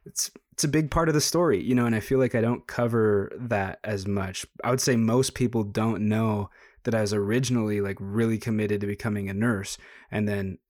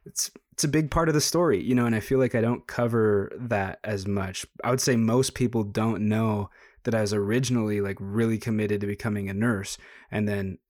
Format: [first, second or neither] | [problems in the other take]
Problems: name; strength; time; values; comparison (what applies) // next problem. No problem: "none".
neither | none